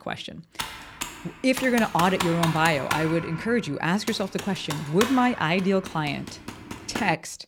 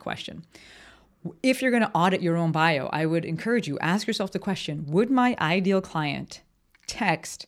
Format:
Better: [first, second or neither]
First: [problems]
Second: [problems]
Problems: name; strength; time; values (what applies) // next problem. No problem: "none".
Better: second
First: keyboard typing; noticeable; from 0.5 s on; peak 3 dB below the speech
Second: none